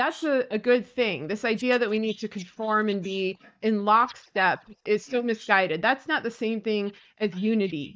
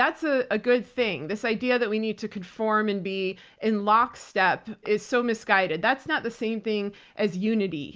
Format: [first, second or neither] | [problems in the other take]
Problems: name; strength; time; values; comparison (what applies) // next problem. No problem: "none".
second | noise reduction (neural mask model DeepFilterNet 3)